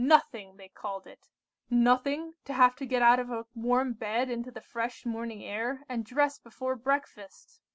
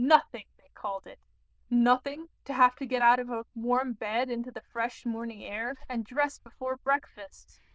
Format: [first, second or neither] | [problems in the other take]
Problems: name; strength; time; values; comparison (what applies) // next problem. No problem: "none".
first | noise reduction (neural diffusion model UNIVERSE++)